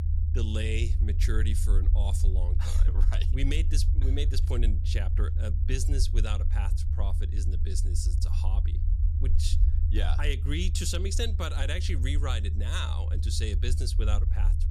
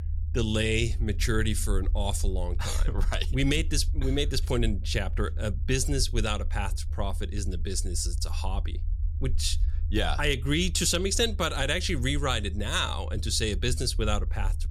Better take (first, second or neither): second